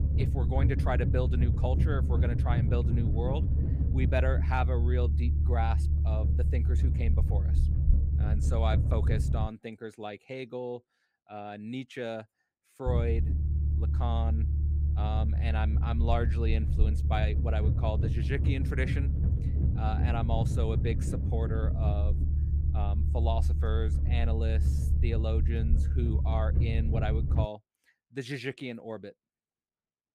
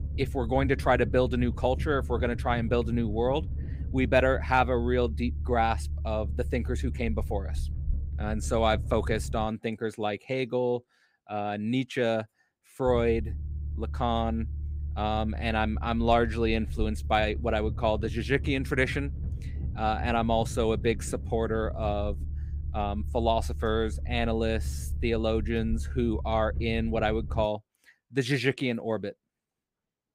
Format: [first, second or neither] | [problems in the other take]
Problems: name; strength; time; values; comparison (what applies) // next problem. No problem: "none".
second | low rumble; loud; until 9.5 s and from 13 to 27 s; 6 dB below the speech; faint in the second